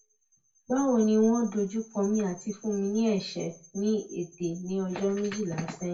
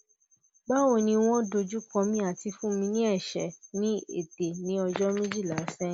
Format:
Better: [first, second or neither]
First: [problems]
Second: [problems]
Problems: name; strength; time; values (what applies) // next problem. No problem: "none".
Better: second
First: room echo; dies away in 0.2 s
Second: none